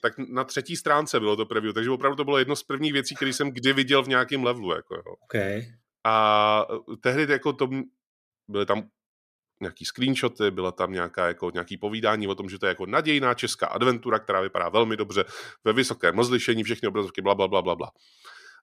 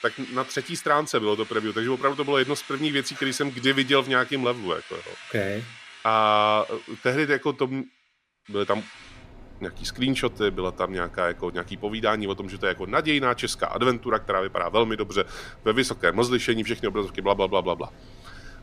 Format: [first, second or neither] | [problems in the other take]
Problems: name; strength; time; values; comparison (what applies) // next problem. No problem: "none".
first | machinery noise; noticeable; throughout; 20 dB below the speech